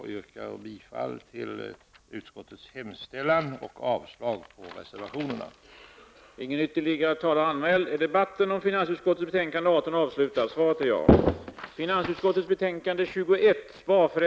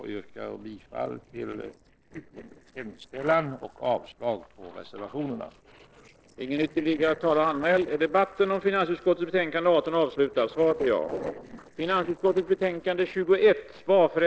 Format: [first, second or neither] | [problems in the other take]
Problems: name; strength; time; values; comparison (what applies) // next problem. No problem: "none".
first | noise reduction (neural separator model SepFormer DNS4)